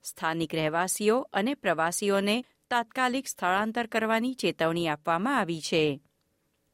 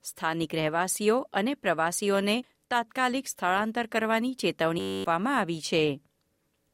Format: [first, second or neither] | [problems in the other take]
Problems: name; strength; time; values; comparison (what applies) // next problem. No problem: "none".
first | audio freezing; at 5 s